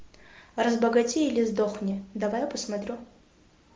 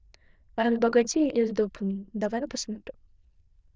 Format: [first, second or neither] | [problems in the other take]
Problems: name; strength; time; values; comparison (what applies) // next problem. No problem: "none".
first | noise reduction (neural diffusion model UNIVERSE++)